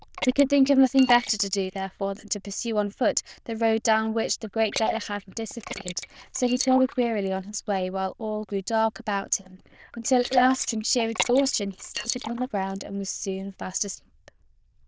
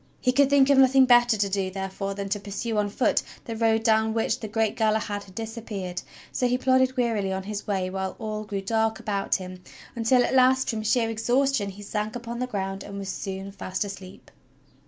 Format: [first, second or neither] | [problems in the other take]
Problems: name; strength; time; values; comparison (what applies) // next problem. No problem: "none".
second | noise reduction (neural diffusion model UNIVERSE++)